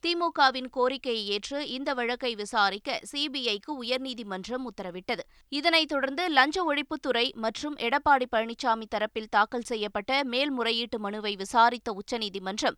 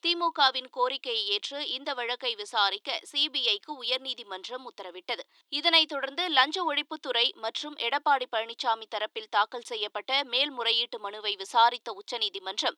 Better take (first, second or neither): first